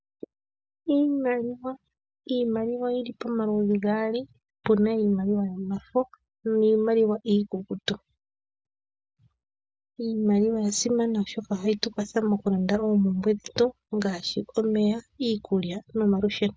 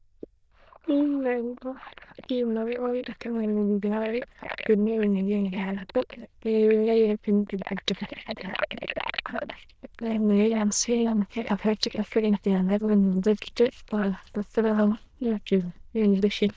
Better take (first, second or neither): first